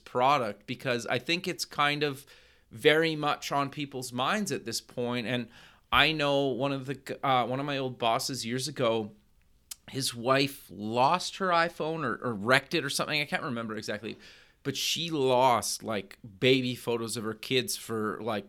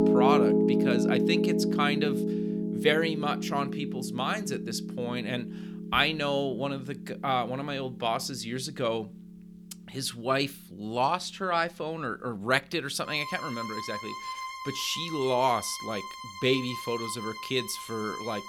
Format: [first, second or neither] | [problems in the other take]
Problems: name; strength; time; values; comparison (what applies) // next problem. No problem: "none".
first | background music; loud; throughout; 1 dB below the speech